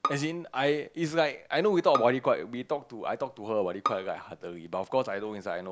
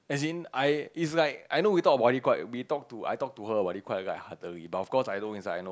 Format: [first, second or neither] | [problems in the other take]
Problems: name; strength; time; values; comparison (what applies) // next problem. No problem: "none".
second | background sound (Bowed string instrument); 10 dB below the speech